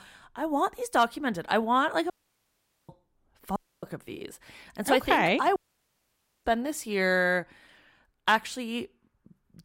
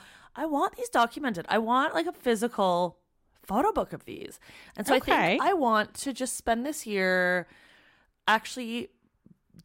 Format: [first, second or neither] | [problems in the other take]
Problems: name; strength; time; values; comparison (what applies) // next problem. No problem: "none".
second | audio cutting out; at 2 s for 1 s, at 3.5 s and at 5.5 s for 1 s